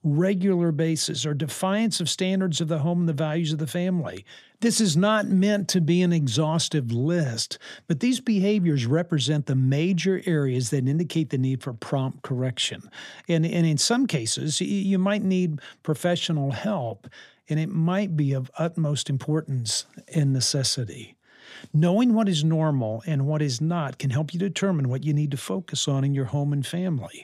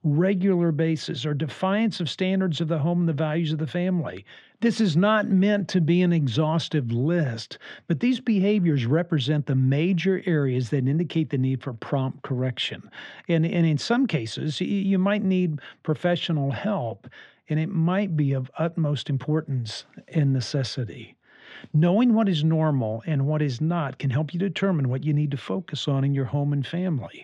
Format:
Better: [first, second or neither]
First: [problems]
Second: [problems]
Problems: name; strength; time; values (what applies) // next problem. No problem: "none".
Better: first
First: none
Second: muffled; slightly; fading above 2.5 kHz